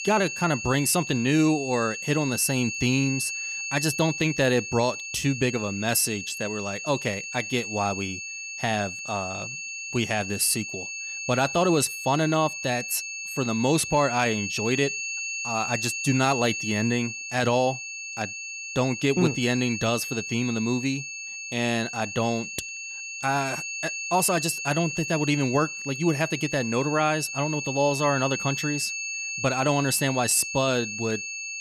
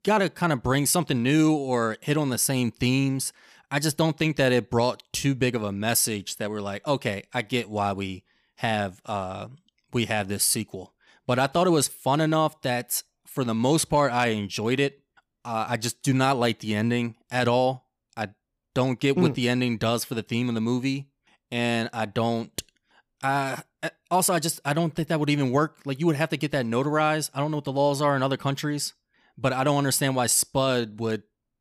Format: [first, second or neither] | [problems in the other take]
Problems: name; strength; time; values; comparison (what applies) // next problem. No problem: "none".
second | high-pitched whine; loud; throughout; 2.5 kHz, 6 dB below the speech